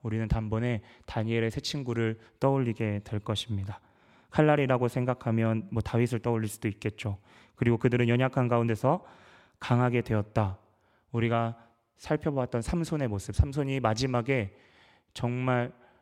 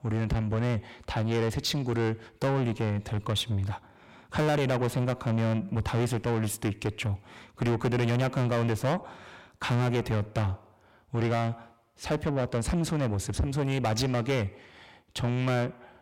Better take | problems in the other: first | distortion; heavy; 6 dB below the speech

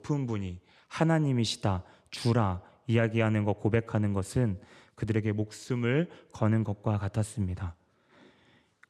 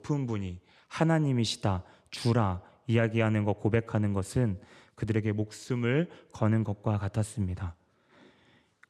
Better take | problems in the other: neither | none

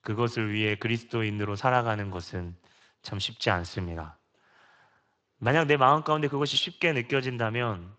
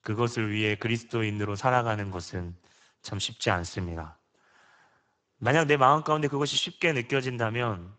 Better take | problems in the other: first | garbled, watery; badly; nothing above 8 kHz; slightly in the first

